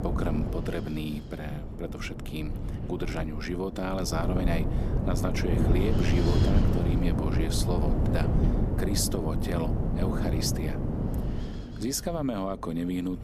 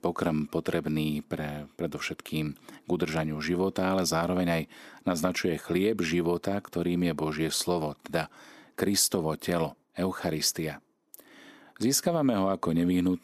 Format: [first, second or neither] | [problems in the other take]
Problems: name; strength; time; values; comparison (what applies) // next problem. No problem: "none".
second | wind noise on the microphone; heavy; 3 dB below the speech